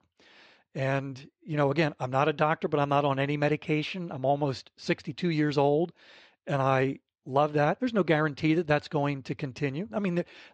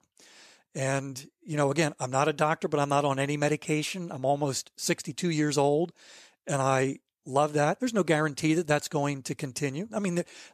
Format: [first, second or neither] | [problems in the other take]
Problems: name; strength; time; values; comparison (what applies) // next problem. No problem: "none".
second | muffled; slightly; fading above 4 kHz